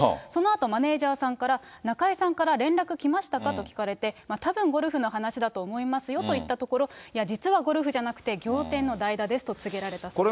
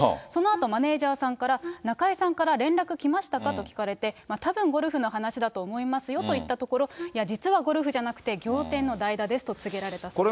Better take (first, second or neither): first